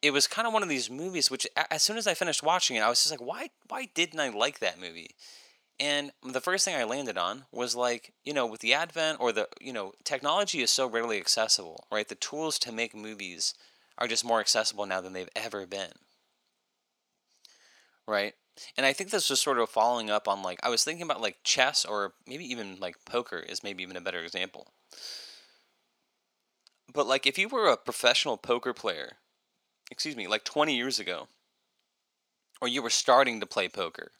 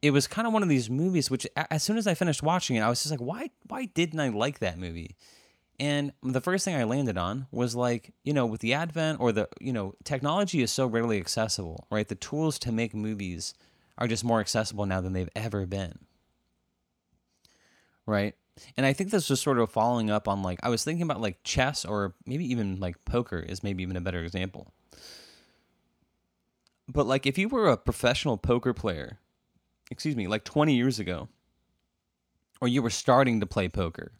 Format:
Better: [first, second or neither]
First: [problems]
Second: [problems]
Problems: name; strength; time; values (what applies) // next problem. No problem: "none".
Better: second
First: thin; somewhat; fading below 500 Hz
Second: none